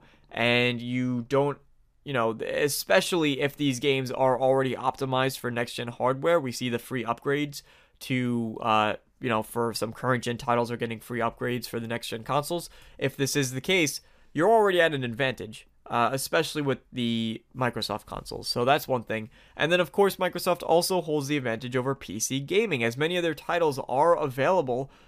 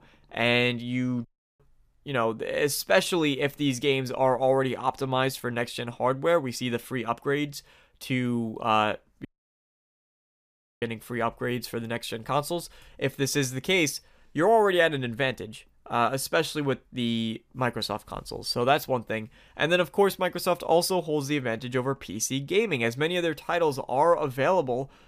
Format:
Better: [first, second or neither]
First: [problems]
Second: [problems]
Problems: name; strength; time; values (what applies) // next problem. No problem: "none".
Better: first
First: none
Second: audio cutting out; at 1.5 s and at 9.5 s for 1.5 s